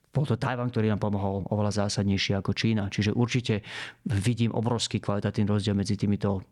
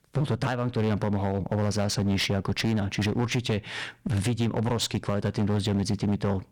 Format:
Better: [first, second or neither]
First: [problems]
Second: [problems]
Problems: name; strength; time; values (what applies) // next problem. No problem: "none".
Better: first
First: none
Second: distortion; slight; 19% of the sound clipped